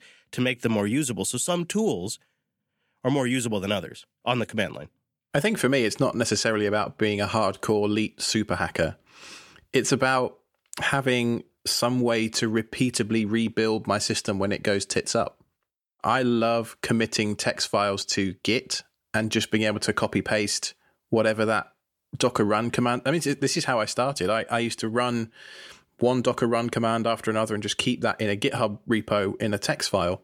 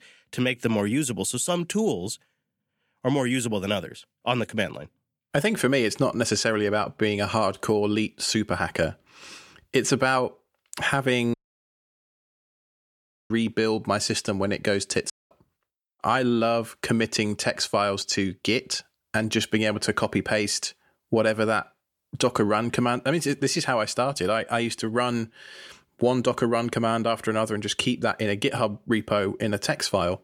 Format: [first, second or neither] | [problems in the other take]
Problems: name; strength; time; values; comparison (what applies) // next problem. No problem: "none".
first | audio cutting out; at 11 s for 2 s and at 15 s